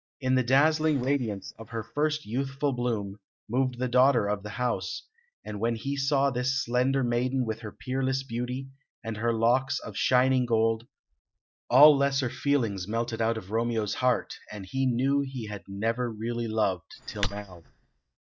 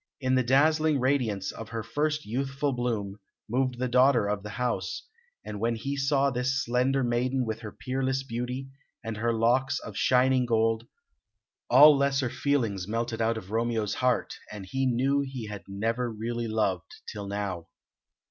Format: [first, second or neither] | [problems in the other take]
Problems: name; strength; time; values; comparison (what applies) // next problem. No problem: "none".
second | noise reduction (neural mask model DeepFilterNet 3)